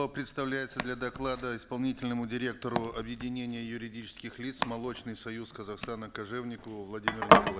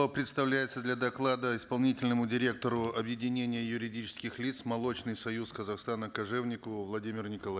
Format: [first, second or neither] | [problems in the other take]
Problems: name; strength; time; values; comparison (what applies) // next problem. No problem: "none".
second | background sound (Domestic sounds, home sounds); 2 dB above the speech